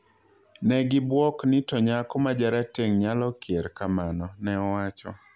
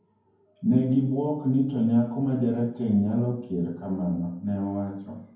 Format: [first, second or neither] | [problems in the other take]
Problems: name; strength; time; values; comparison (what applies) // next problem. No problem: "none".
first | room echo; dies away in 0.9 s